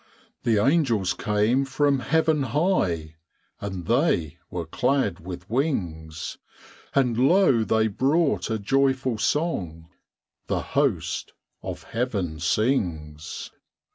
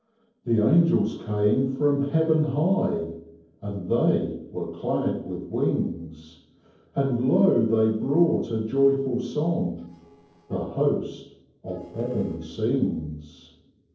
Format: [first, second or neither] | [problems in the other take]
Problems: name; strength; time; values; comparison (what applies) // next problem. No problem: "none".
first | noise reduction (neural separator model SepFormer DNS4)